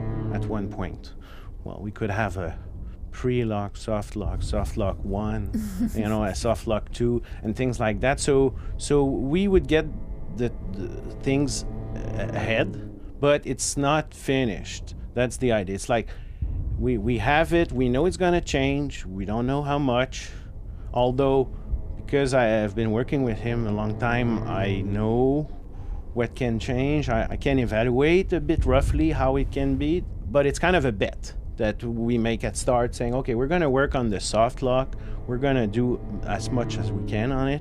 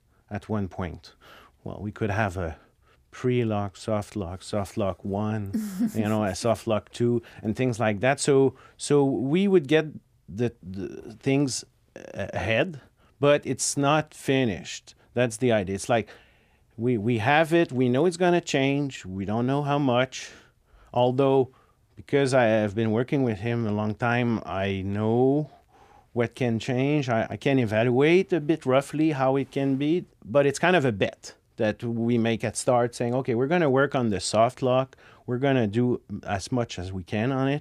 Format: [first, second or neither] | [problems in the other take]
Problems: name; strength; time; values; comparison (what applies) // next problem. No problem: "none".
second | low rumble; noticeable; throughout; 20 dB below the speech